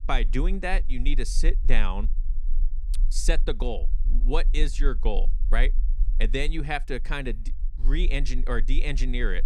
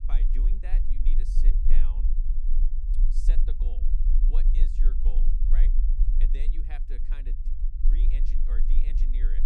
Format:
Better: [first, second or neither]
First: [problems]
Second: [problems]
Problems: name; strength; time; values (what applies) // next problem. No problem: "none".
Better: first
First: low rumble; faint; throughout; 25 dB below the speech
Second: low rumble; loud; throughout; 2 dB below the speech